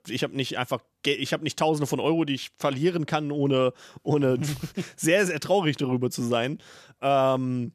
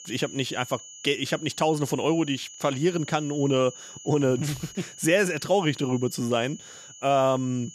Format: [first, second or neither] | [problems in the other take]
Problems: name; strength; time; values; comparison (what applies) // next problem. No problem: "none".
first | high-pitched whine; noticeable; throughout; 7 kHz, 15 dB below the speech